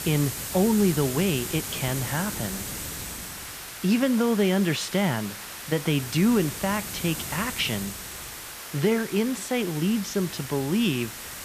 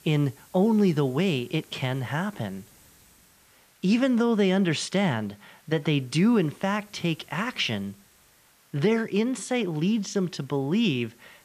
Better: second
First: hiss; loud; throughout; 8 dB below the speech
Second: hiss; faint; throughout; 30 dB below the speech

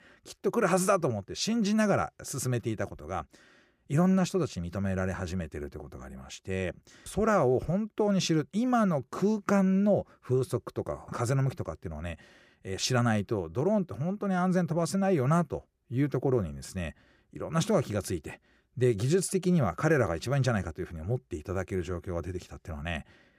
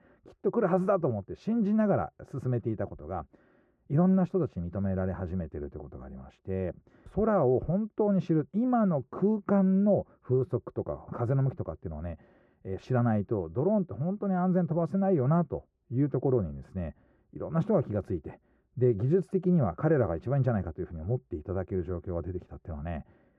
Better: first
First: none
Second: muffled; very; fading above 2.5 kHz

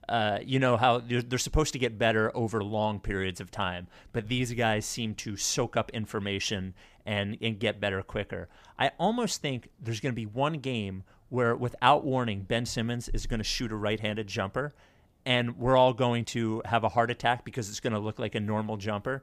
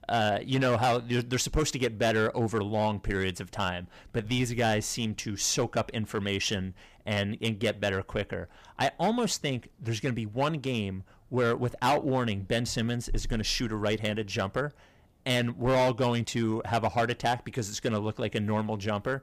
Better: first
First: none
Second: distortion; slight; 5% of the sound clipped

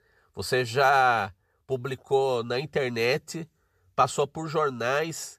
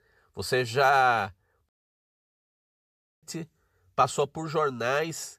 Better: first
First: none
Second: audio cutting out; at 1.5 s for 1.5 s

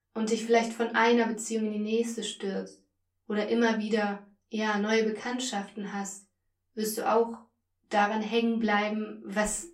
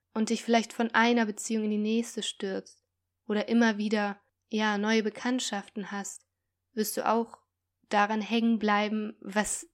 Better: second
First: off-mic speech; far // room echo; very slight; dies away in 0.2 s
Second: none

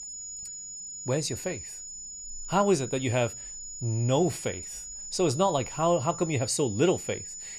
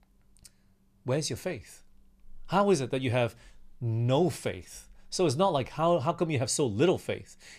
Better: second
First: high-pitched whine; loud; throughout; 7 kHz, 10 dB below the speech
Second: none

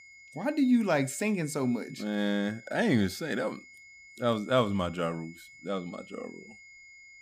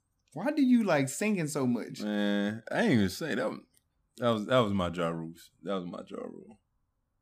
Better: second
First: high-pitched whine; faint; throughout; 2 kHz, 20 dB below the speech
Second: none

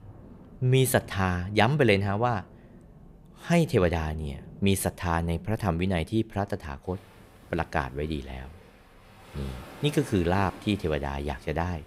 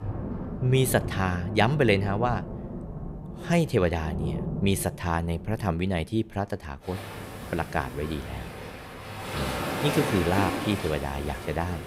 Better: first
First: rain or running water; faint; throughout; 20 dB below the speech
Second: rain or running water; loud; throughout; 7 dB below the speech

